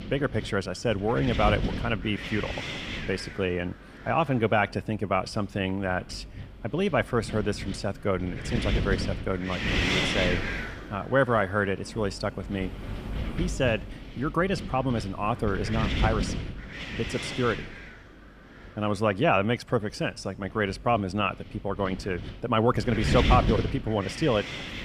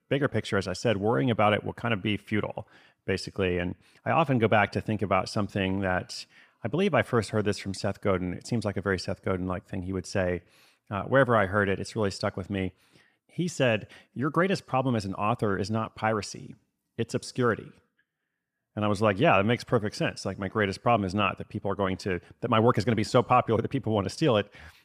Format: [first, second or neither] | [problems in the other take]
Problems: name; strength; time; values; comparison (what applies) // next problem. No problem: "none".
second | wind noise on the microphone; heavy; 5 dB below the speech